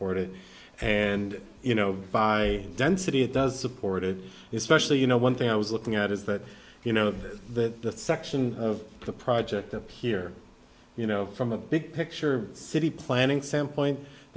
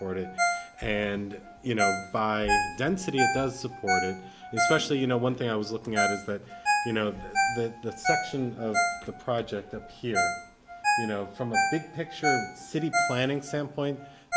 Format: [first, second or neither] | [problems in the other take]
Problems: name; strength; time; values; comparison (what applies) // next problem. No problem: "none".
first | background sound (Ringtone); as loud as the speech